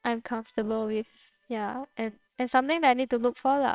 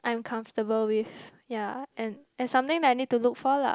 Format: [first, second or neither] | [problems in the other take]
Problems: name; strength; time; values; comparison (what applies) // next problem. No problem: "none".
second | noise reduction (neural separator model SepFormer WHAMR!)